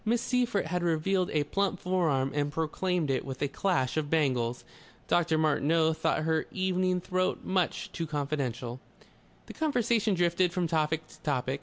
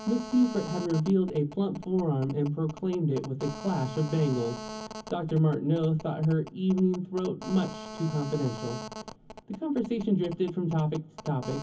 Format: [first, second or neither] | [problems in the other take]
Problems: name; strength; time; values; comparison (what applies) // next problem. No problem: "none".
first | background sound (Telephone); 14 dB below the speech // room echo; dies away in 0.3 s